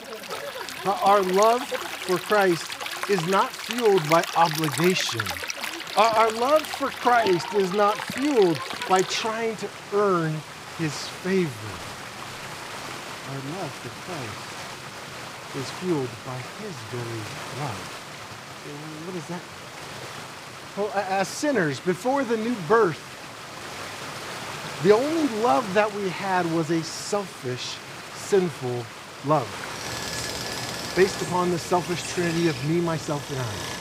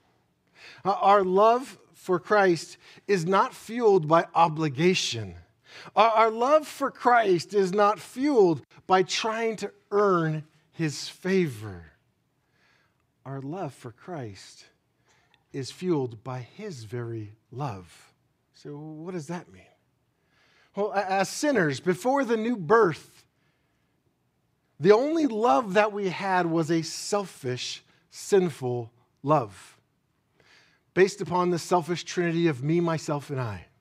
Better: second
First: rain or running water; loud; throughout; 9 dB below the speech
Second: none

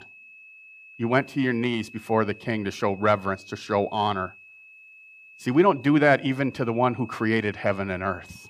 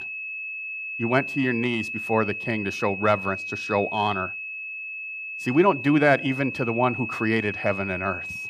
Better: first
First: high-pitched whine; faint; throughout; 2.5 kHz, 20 dB below the speech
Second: high-pitched whine; loud; throughout; 2.5 kHz, 6 dB below the speech

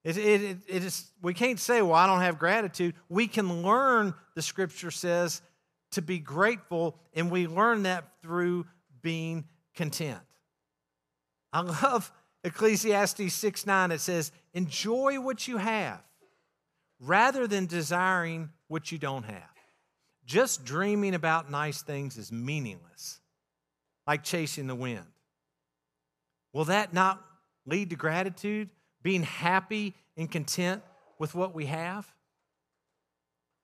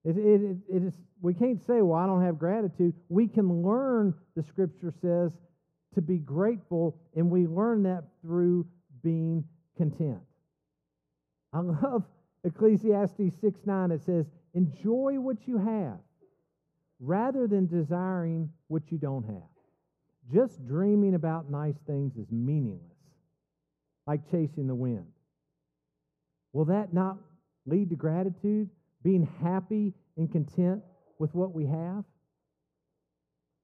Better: first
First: none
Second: muffled; very; fading above 1 kHz

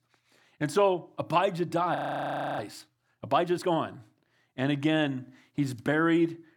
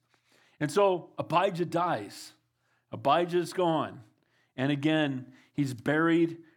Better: second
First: audio freezing; at 2 s for 0.5 s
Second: none

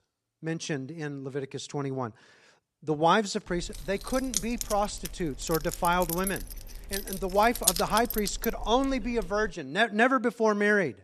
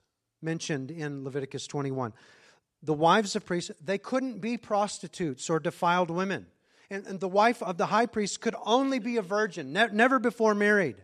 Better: second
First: jangling keys; loud; from 3.5 to 9.5 s; peak 3 dB above the speech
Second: none

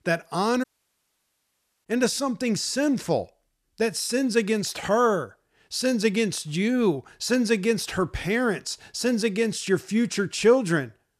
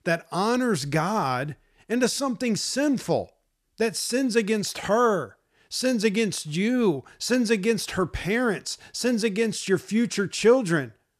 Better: second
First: audio cutting out; at 0.5 s for 1 s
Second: none

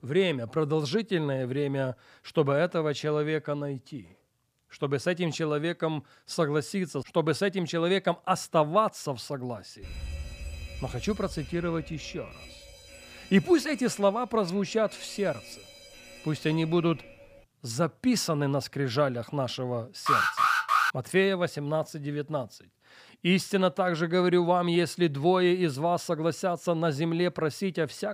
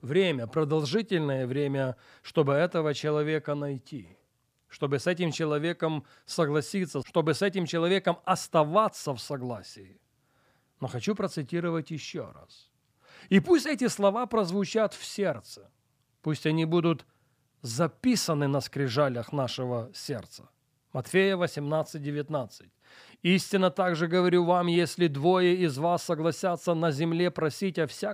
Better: second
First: alarm; faint; from 10 to 17 s; peak 10 dB below the speech // alarm; loud; at 20 s; peak 5 dB above the speech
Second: none

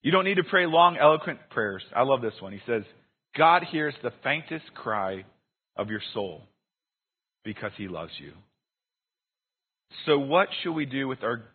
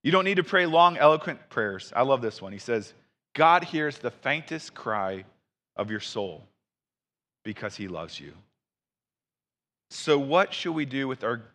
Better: second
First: garbled, watery; badly; nothing above 4 kHz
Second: none

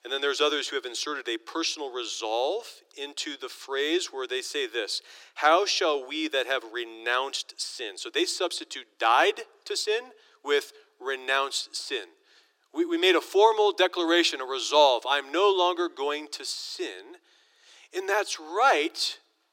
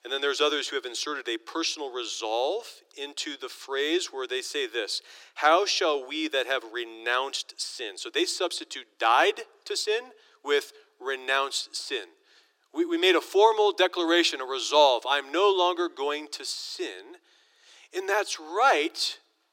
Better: neither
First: thin; very; fading below 350 Hz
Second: thin; very; fading below 350 Hz

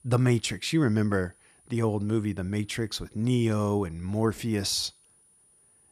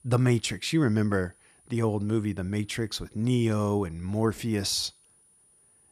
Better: neither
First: high-pitched whine; faint; throughout; 9.5 kHz, 30 dB below the speech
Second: high-pitched whine; faint; throughout; 9.5 kHz, 30 dB below the speech

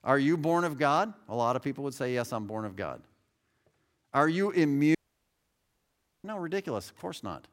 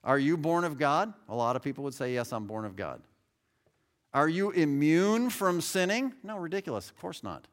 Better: second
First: audio cutting out; at 5 s for 1.5 s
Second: none

